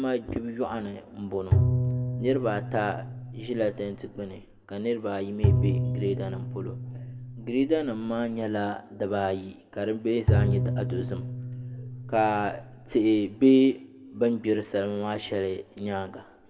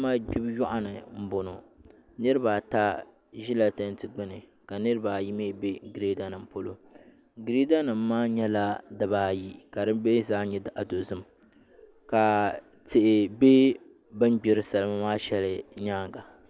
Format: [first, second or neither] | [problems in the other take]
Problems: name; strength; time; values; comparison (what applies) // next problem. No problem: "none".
second | background sound (Bowed string instrument); as loud as the speech // room echo; dies away in 0.8 s